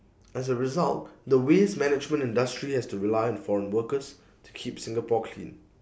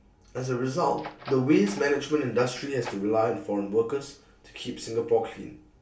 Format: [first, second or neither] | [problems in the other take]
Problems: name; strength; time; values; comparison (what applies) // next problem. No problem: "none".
first | background sound (Door); 19 dB below the speech // room echo; dies away in 0.3 s